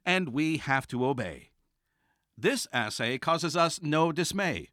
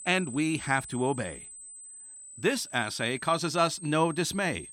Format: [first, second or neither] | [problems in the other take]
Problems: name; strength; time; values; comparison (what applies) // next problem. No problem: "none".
first | high-pitched whine; noticeable; throughout; 8 kHz, 15 dB below the speech